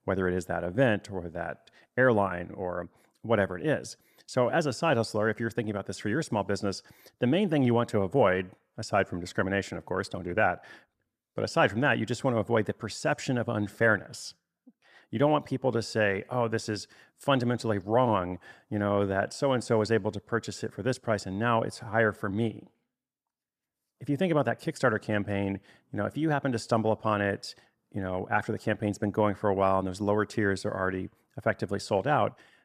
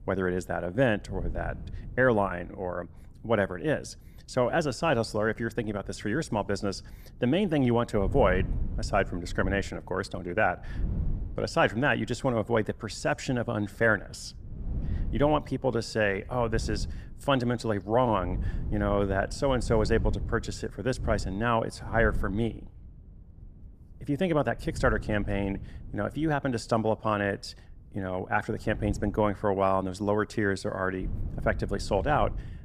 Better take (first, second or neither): first